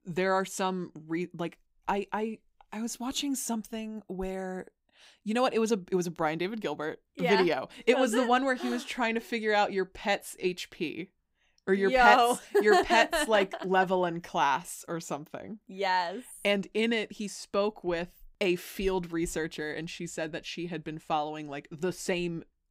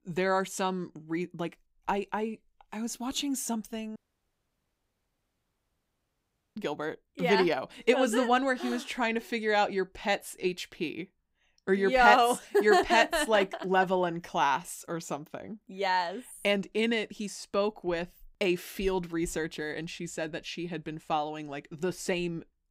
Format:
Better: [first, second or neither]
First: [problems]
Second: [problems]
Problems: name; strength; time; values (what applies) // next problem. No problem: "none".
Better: first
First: none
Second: audio cutting out; at 4 s for 2.5 s